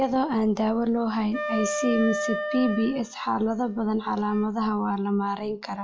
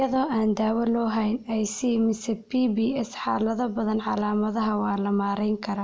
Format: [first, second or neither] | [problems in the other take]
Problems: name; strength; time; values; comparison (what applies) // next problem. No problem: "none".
second | noise reduction (classical method log-MMSE)